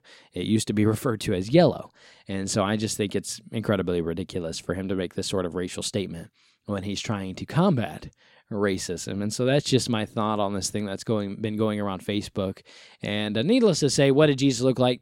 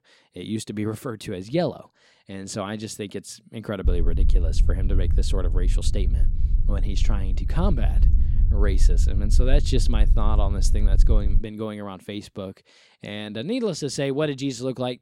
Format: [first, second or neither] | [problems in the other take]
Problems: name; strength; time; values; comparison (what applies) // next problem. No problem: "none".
first | low rumble; noticeable; from 4 to 11 s; 10 dB below the speech